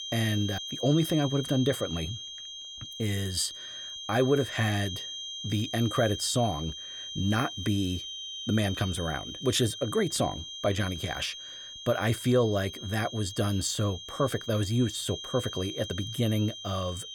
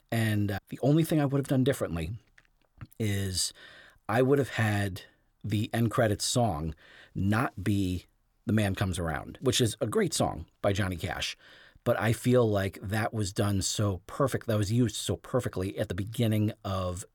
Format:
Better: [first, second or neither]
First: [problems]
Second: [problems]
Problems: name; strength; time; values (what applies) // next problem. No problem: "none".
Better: second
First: high-pitched whine; loud; throughout; 3 kHz, 8 dB below the speech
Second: none